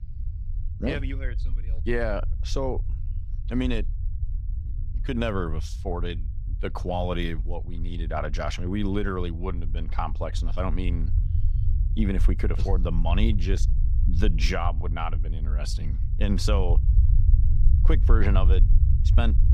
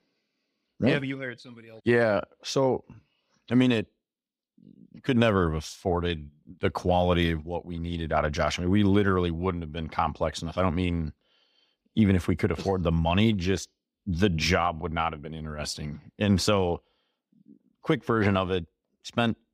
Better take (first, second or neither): second